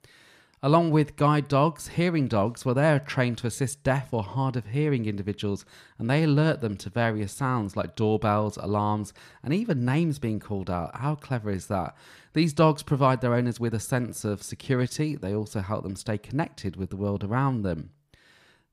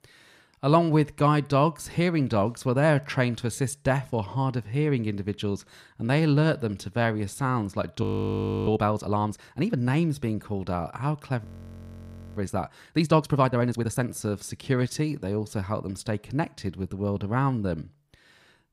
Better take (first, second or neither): first